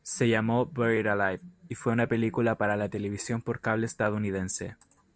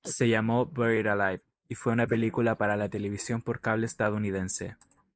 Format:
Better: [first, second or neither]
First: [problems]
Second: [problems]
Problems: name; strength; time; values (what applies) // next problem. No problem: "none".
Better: first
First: none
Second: noise reduction (neural mask model Resemble Enhance denoiser)